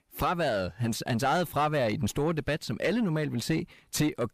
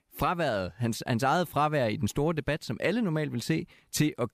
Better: second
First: distortion; slight; 10 dB below the speech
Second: none

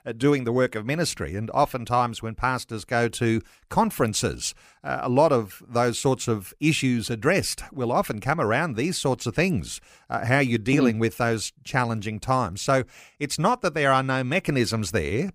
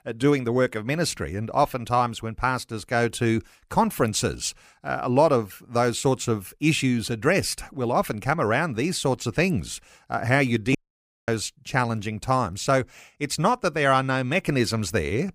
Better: first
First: none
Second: audio cutting out; at 11 s for 0.5 s

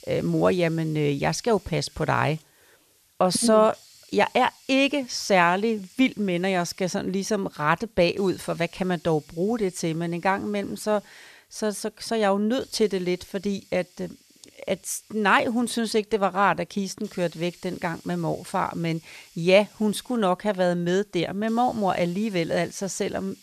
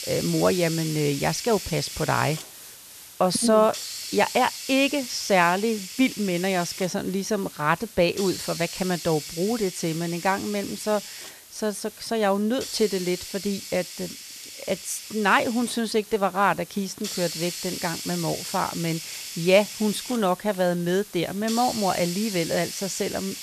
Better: first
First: hiss; faint; throughout; 25 dB below the speech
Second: hiss; loud; throughout; 9 dB below the speech

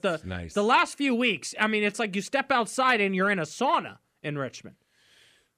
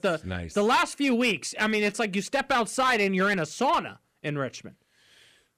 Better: first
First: none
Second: distortion; slight; 5% of the sound clipped

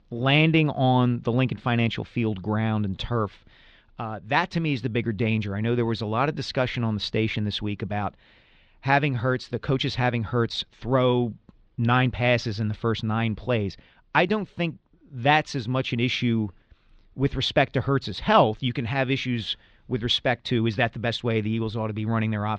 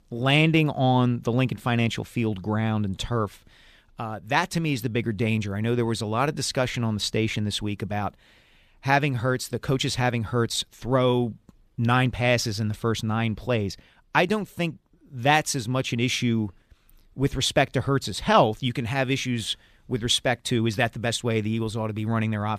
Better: second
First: muffled; very slightly; fading above 4.5 kHz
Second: none

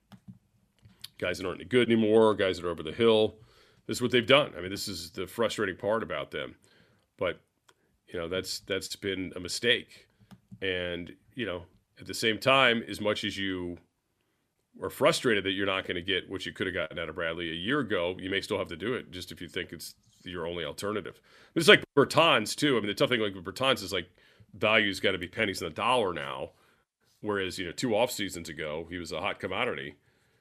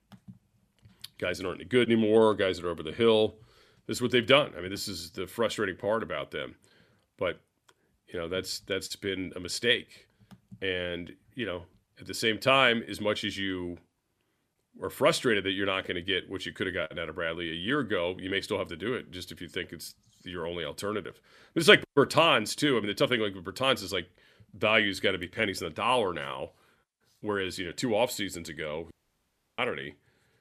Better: first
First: none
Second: audio cutting out; at 29 s for 0.5 s

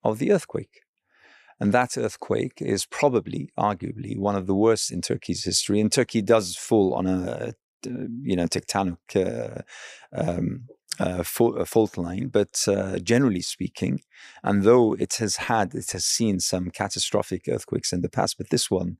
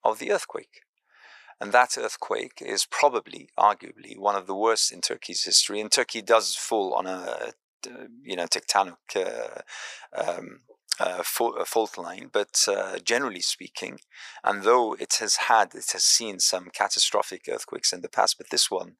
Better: first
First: none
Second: thin; very; fading below 700 Hz

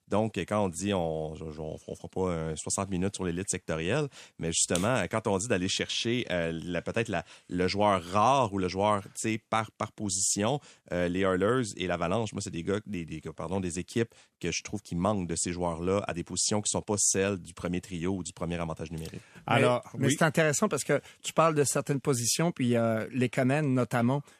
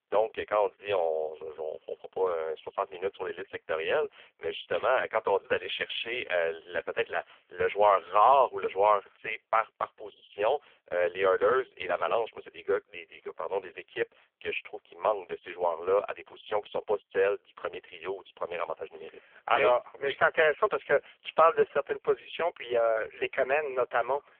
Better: first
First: none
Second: phone-call audio; poor line; nothing above 3.5 kHz

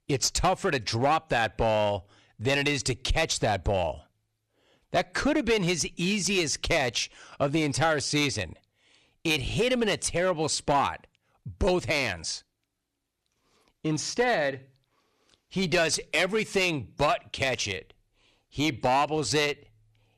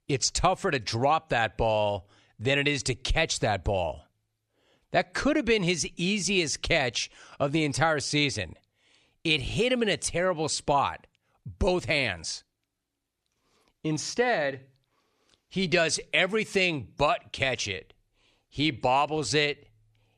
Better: second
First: distortion; slight; 4% of the sound clipped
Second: none

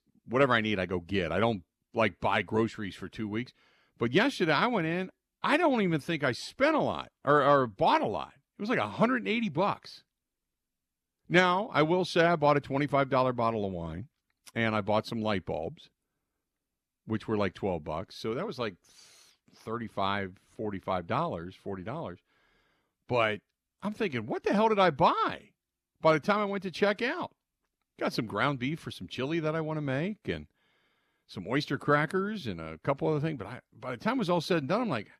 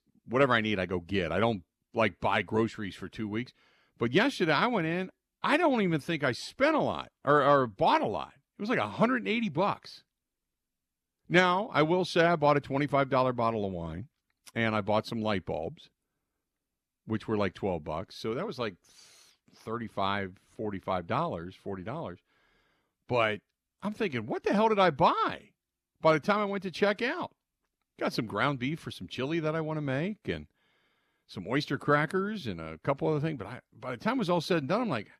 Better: neither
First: none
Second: none

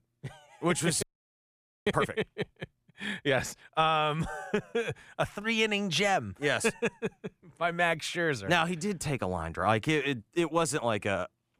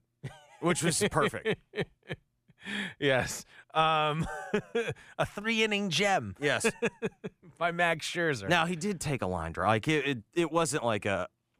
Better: second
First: audio freezing; at 1 s for 1 s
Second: none

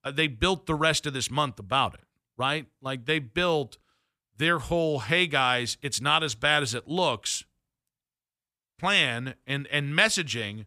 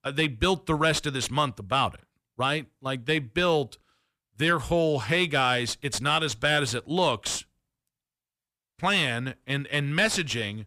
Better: first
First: none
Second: distortion; slight; 10 dB below the speech

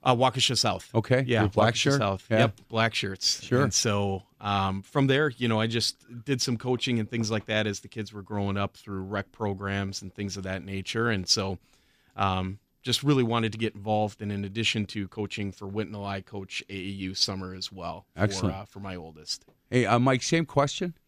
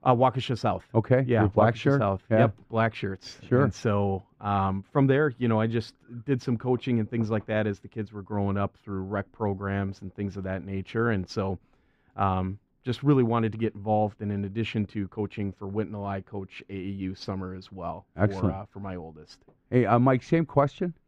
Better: first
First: none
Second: muffled; very; fading above 3 kHz

